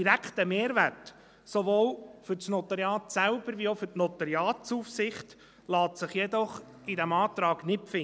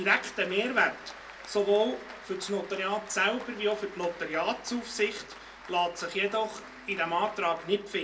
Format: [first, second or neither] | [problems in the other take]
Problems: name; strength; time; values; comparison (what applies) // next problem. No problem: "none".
first | background sound (Applause); 17 dB below the speech // room echo; dies away in 0.2 s